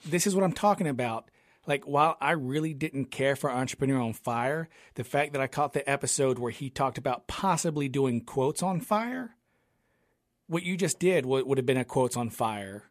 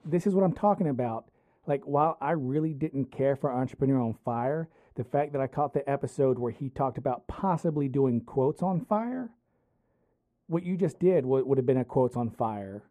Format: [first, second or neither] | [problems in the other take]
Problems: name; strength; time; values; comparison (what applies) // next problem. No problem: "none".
first | muffled; very; fading above 1.5 kHz